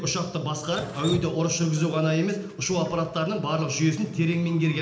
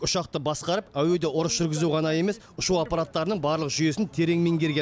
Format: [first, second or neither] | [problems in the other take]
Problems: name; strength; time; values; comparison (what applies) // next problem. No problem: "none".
second | background sound (Drip); 16 dB below the speech // room echo; dies away in 0.8 s